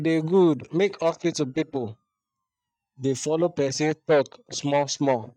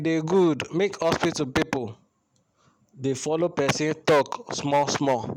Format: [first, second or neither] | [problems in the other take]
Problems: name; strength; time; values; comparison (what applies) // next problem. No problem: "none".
second | noise reduction (neural mask model DeepFilterNet 3)